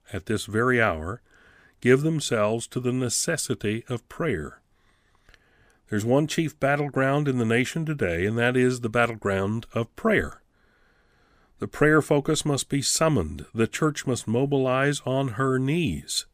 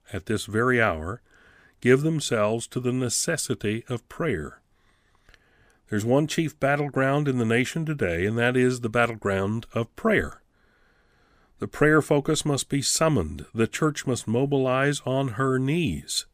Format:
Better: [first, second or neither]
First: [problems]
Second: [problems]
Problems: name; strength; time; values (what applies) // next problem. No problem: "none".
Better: neither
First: none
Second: none